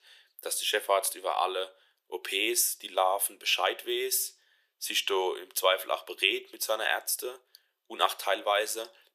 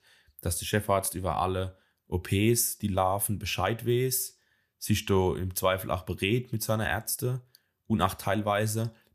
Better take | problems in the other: second | thin; very; fading below 400 Hz

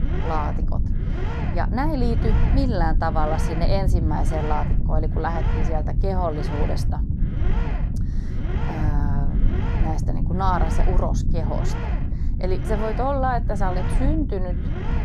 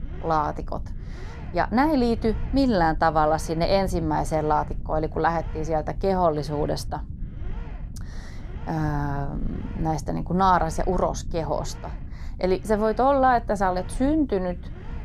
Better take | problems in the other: second | low rumble; loud; throughout; 8 dB below the speech; faint in the second

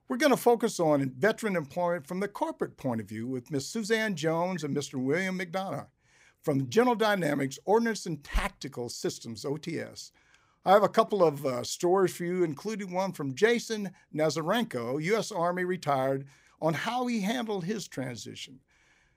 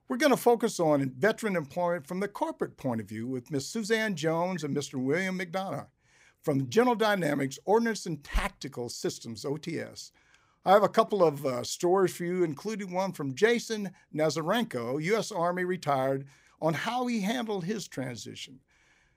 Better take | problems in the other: neither | none

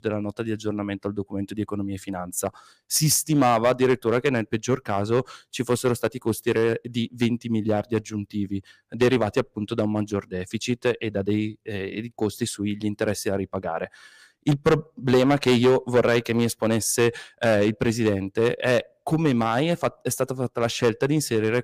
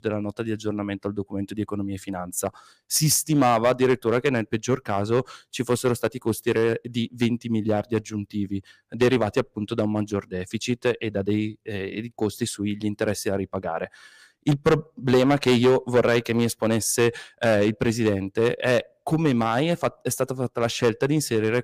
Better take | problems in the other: neither | distortion; slight; 3% of the sound clipped; the same in both

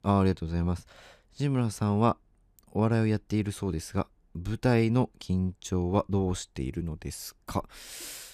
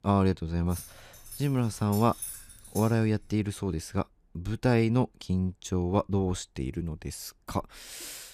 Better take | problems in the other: first | jangling keys; noticeable; from 0.5 to 3.5 s; peak 8 dB below the speech

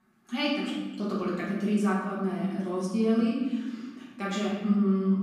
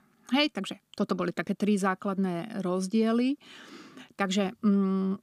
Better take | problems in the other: second | off-mic speech; far // room echo; noticeable; dies away in 1.1 s

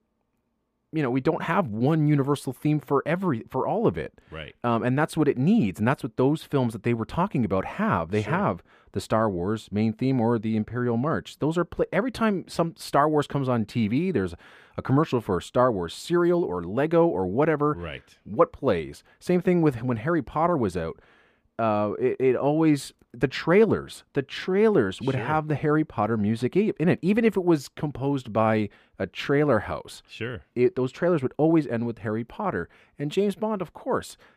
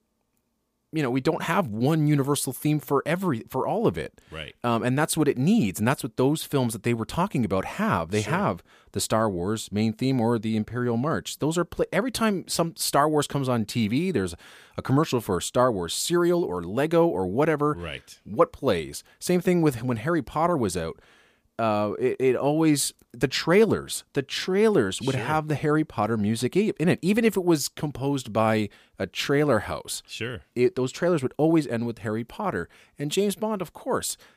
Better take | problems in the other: second | muffled; slightly; fading above 3.5 kHz

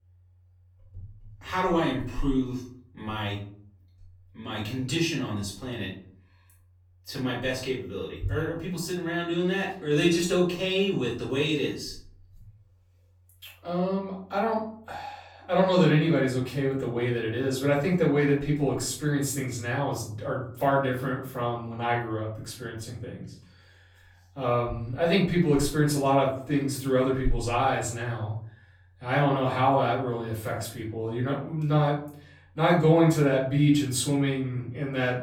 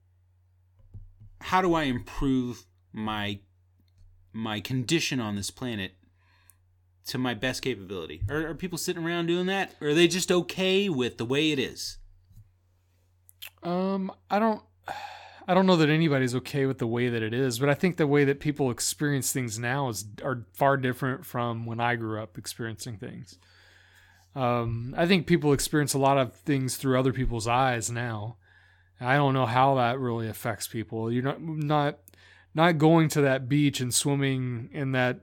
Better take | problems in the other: second | room echo; noticeable; dies away in 0.4 s // off-mic speech; far

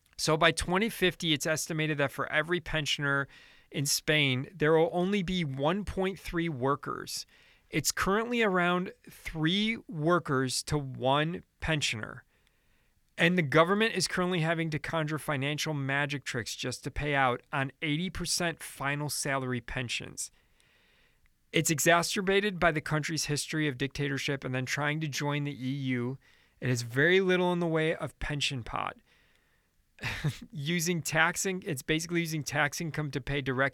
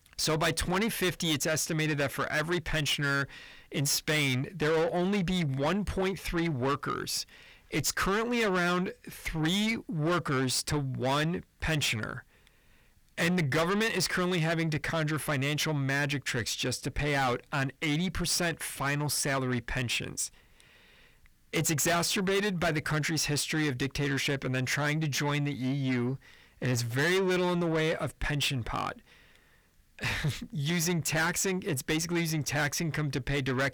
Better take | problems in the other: first | distortion; heavy; 7 dB below the speech

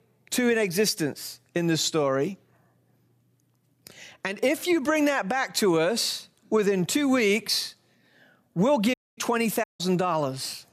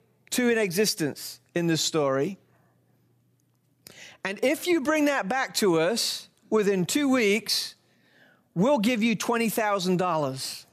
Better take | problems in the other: second | audio cutting out; at 9 s and at 9.5 s

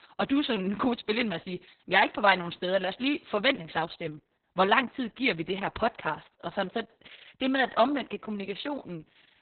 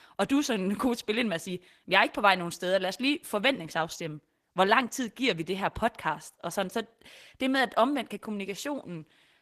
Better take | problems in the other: second | garbled, watery; badly; nothing above 4 kHz; slightly in the second

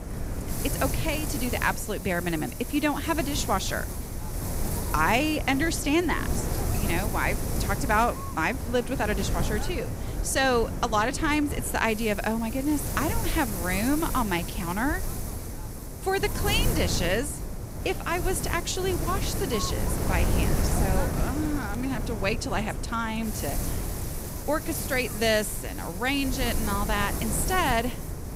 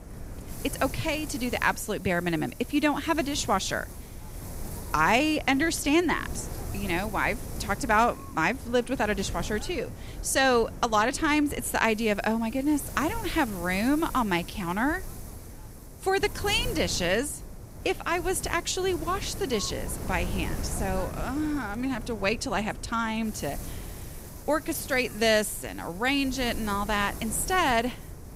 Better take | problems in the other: second | wind noise on the microphone; heavy; 9 dB below the speech; occasional gusts in the second

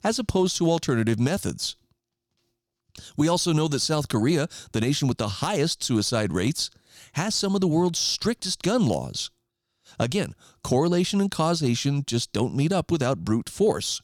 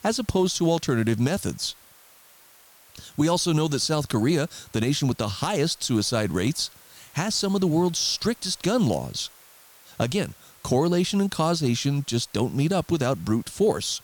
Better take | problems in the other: first | hiss; faint; throughout; 25 dB below the speech

